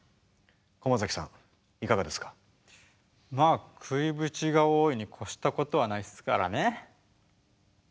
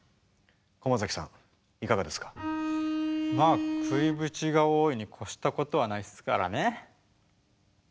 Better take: first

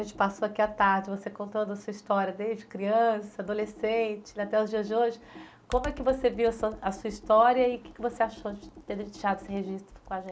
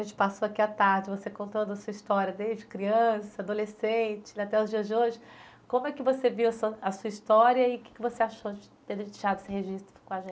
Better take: second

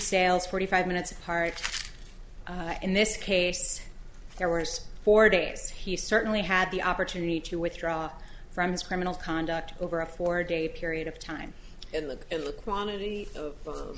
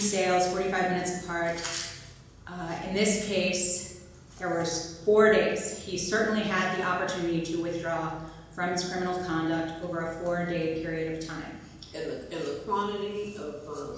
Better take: first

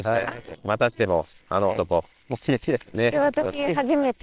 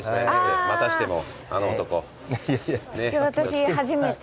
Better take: second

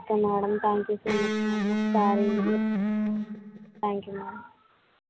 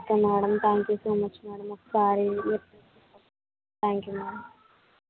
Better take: second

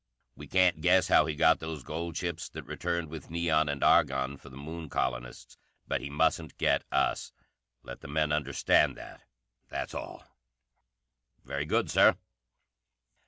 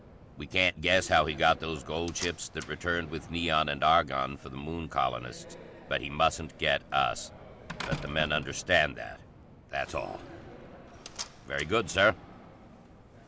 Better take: first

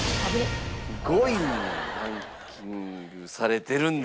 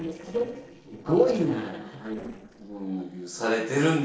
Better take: first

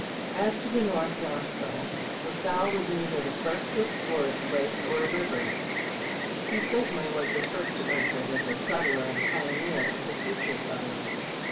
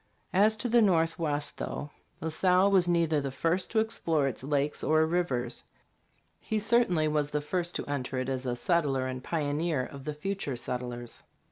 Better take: second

